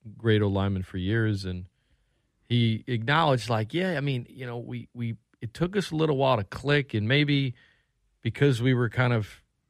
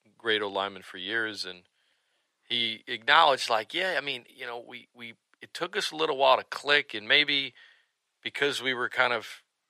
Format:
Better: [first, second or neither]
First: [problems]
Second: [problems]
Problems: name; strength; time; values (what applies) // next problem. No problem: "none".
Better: first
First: none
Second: thin; very; fading below 750 Hz